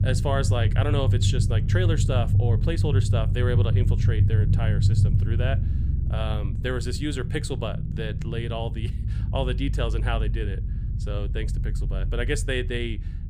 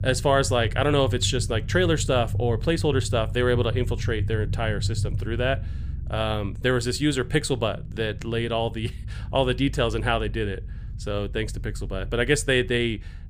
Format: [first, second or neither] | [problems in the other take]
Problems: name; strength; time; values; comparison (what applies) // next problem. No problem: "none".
second | low rumble; loud; throughout; 7 dB below the speech; faint in the second